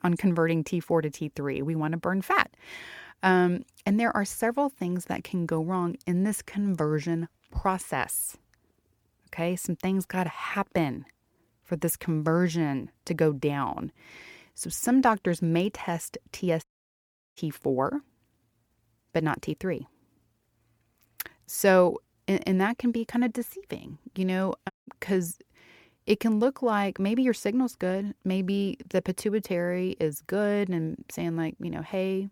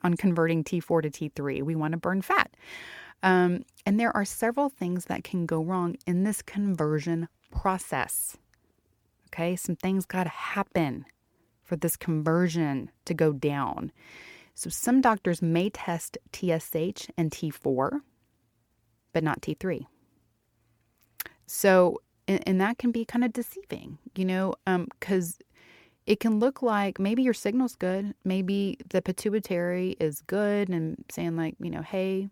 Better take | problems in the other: second | audio cutting out; at 17 s for 0.5 s and at 25 s

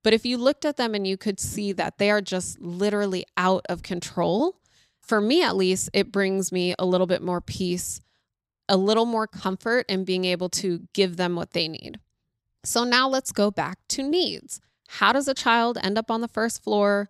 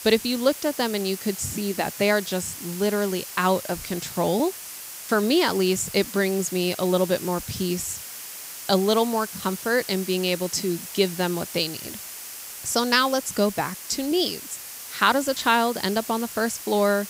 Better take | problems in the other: first | hiss; noticeable; throughout; 10 dB below the speech

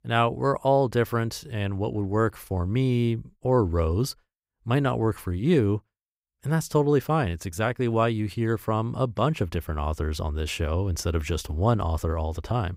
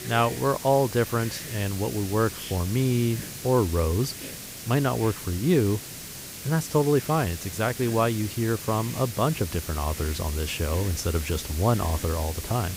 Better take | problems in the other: first | hiss; loud; throughout; 10 dB below the speech

